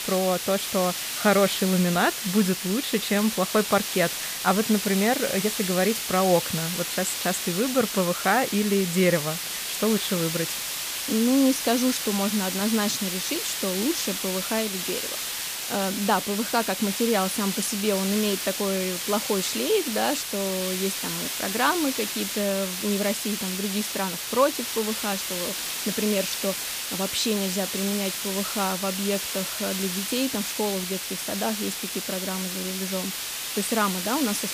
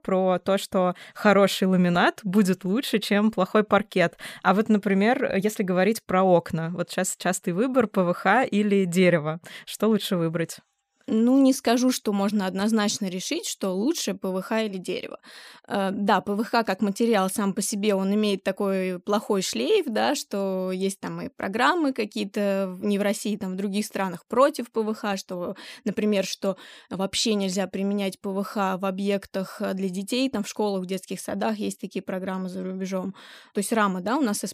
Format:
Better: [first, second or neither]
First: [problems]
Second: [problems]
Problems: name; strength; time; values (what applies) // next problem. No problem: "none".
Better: second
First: hiss; loud; throughout; 2 dB below the speech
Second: none